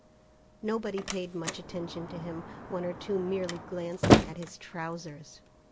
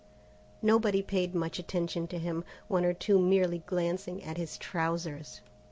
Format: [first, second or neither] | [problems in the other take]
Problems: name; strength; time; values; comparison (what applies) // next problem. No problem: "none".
second | background sound (Slam); 4 dB above the speech